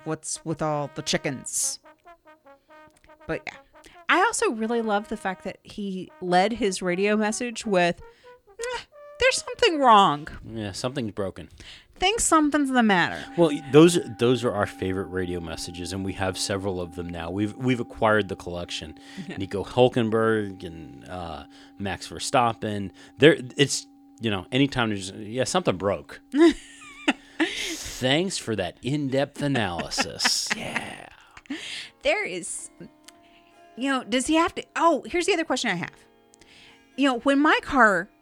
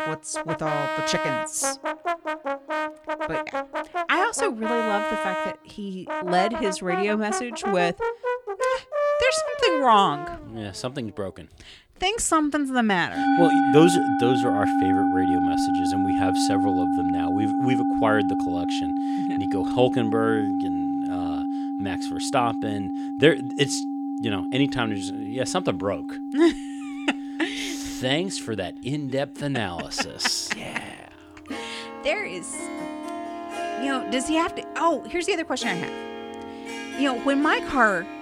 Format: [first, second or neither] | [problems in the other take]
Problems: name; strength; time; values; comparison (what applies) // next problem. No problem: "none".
first | background music; loud; throughout; 1 dB below the speech; faint in the first